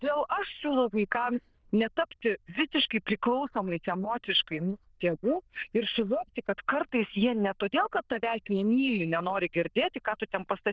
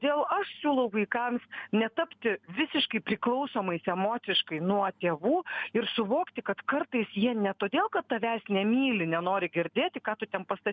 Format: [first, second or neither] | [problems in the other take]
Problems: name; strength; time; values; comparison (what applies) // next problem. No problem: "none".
second | noise reduction (neural diffusion model UNIVERSE++)